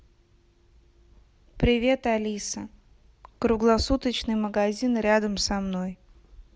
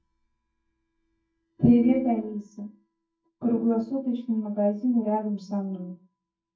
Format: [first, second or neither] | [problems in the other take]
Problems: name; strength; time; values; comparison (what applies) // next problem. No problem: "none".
first | noise reduction (neural mask model DeepFilterNet 3)